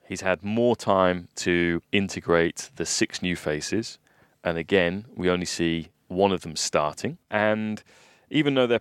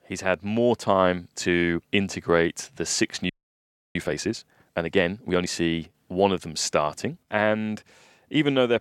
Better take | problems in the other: first | audio freezing; at 3.5 s for 0.5 s

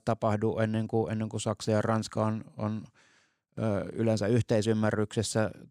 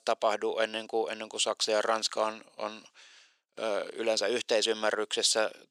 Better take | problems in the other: first | thin; very; fading below 450 Hz

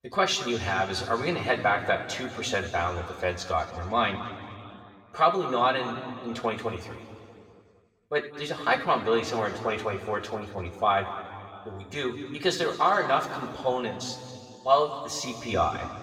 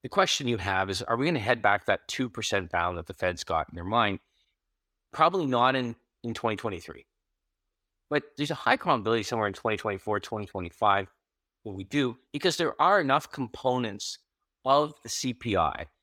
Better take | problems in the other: second | room echo; noticeable; dies away in 2.2 s // off-mic speech; somewhat distant

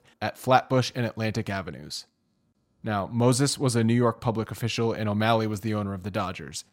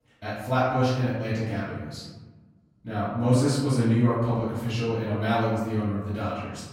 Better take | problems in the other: first | off-mic speech; far // room echo; strong; dies away in 1.3 s

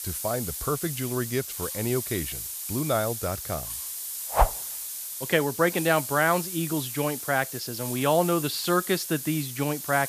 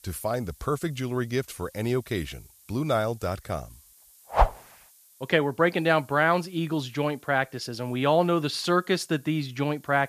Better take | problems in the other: second | hiss; loud; throughout; 5 dB below the speech; faint in the second

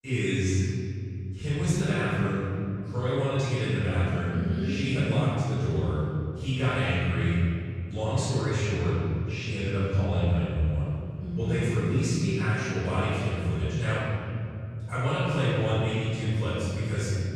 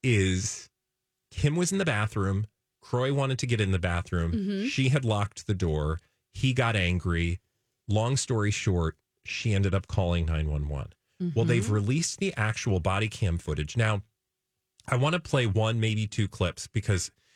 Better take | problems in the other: second | room echo; strong; dies away in 2.8 s // off-mic speech; far

